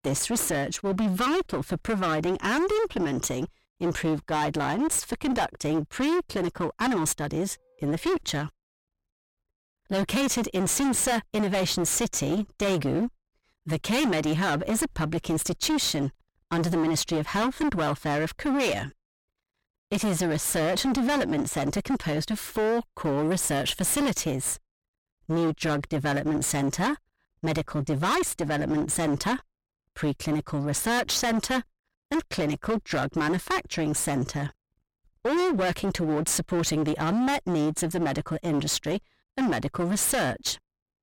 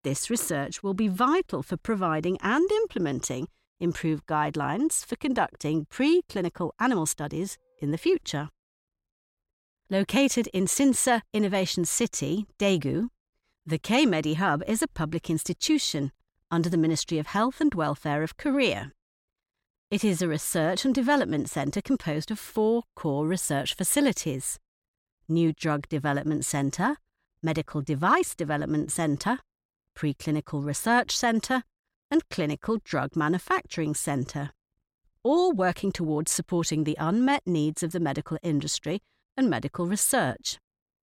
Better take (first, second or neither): second